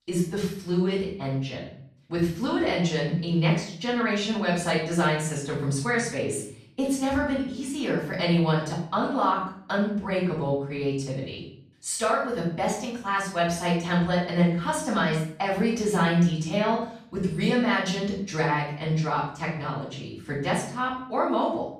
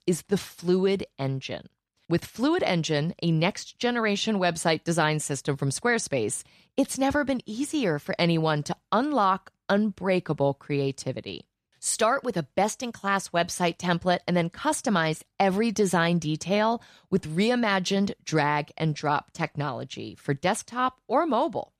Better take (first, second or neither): second